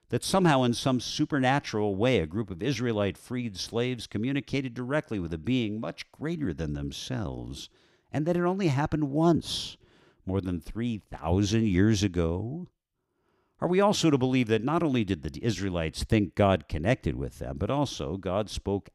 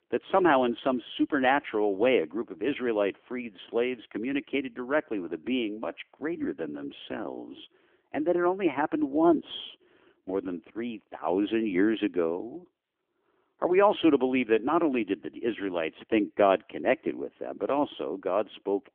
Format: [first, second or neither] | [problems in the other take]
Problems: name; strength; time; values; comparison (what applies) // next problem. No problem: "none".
first | phone-call audio; nothing above 3.5 kHz